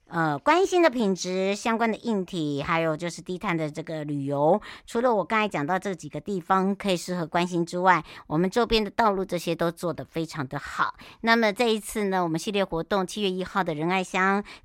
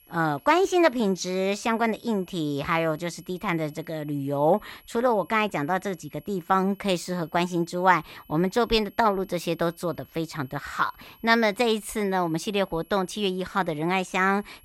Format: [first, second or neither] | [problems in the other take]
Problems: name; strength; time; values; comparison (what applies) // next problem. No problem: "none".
first | high-pitched whine; faint; throughout; 11.5 kHz, 30 dB below the speech